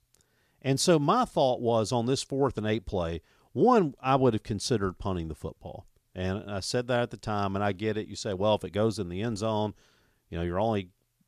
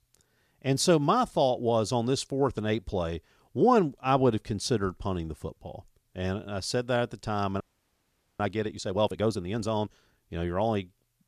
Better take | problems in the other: first | audio freezing; at 7.5 s for 1 s

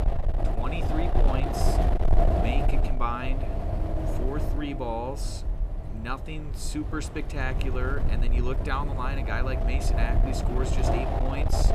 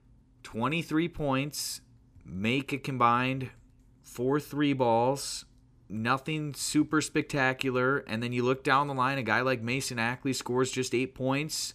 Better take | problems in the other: second | wind noise on the microphone; heavy; as loud as the speech

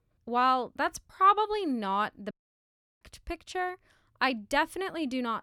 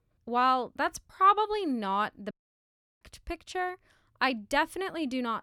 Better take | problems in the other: neither | audio cutting out; at 2.5 s for 0.5 s; the same in both

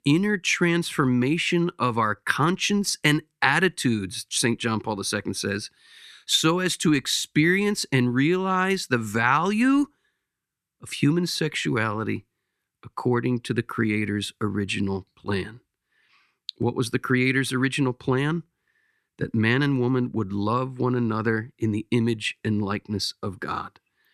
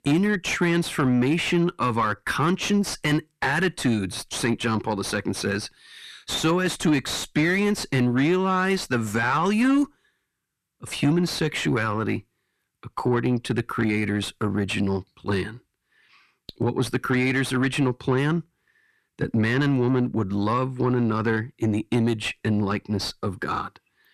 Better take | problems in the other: first | distortion; slight; 9 dB below the speech

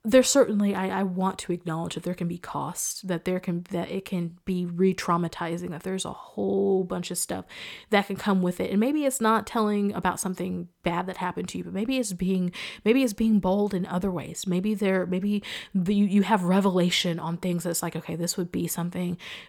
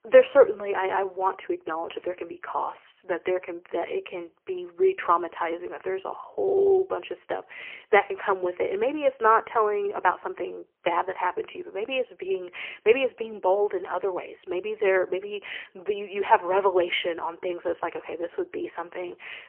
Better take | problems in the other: first | phone-call audio; poor line; nothing above 3 kHz

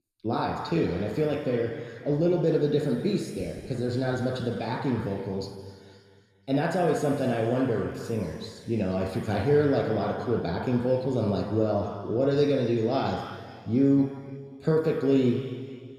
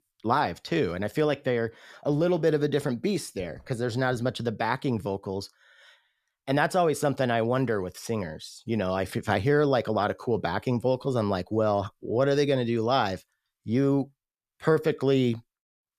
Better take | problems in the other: second | room echo; strong; dies away in 2 s // off-mic speech; far

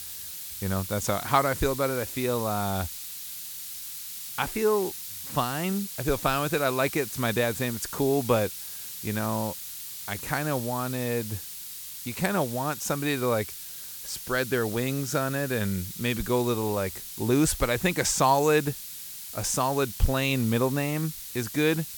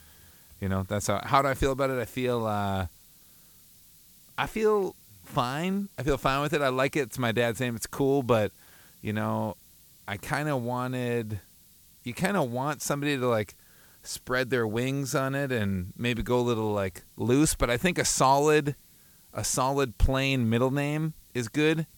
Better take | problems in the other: second | hiss; loud; throughout; 8 dB below the speech; faint in the second

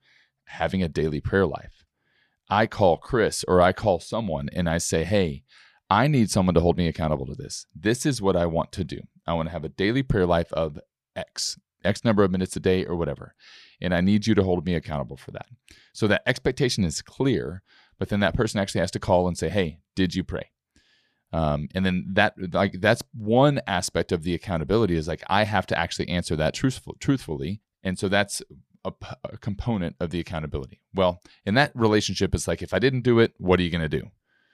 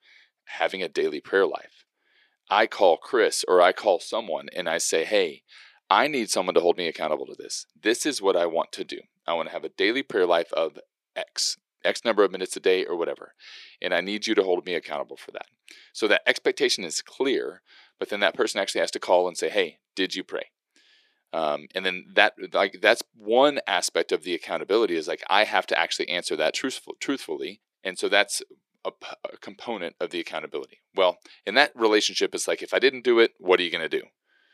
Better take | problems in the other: first | thin; somewhat; fading below 350 Hz

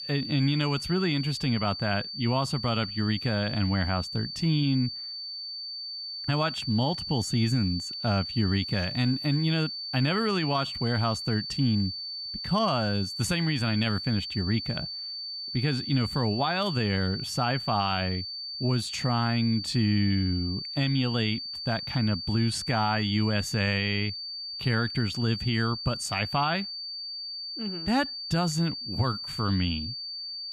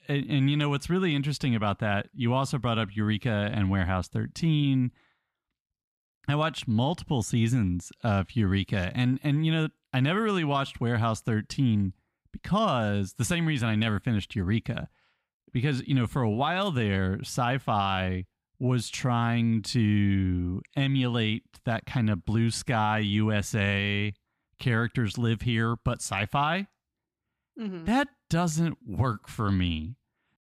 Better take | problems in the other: second | high-pitched whine; loud; throughout; 4.5 kHz, 6 dB below the speech

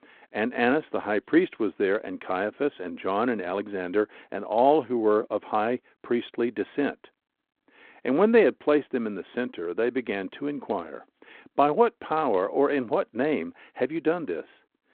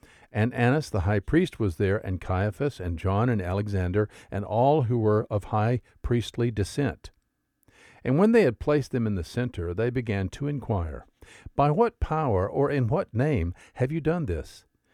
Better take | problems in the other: second | phone-call audio; nothing above 4 kHz

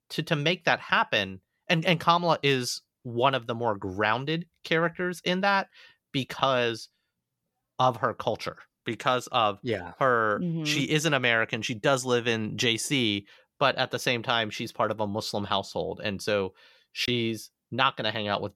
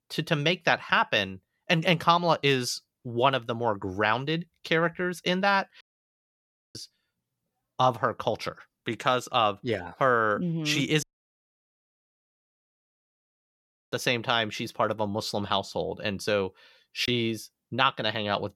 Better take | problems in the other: first | audio cutting out; at 6 s for 1 s and at 11 s for 3 s

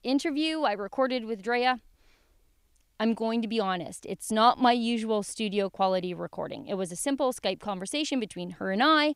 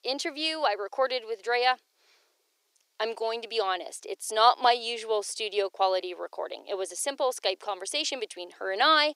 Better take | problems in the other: first | thin; very; fading below 400 Hz

